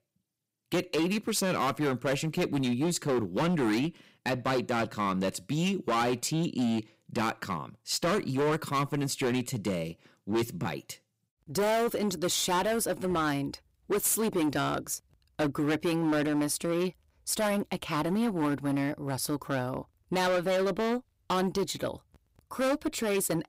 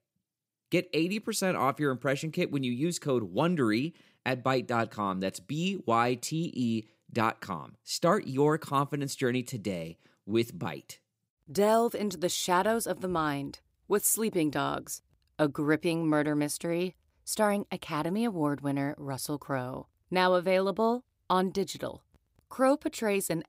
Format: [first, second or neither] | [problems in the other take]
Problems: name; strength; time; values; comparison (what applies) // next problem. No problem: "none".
second | distortion; heavy; 15% of the sound clipped